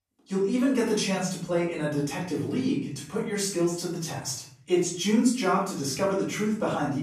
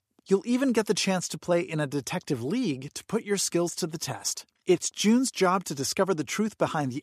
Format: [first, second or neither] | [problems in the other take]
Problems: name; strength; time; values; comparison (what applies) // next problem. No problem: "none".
second | off-mic speech; far // room echo; noticeable; dies away in 0.6 s